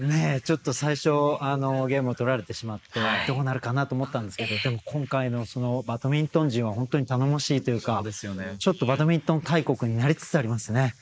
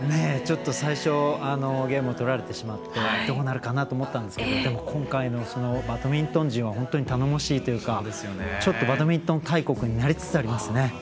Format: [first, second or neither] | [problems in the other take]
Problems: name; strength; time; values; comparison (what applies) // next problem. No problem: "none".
second | noise reduction (neural mask model Resemble Enhance denoiser)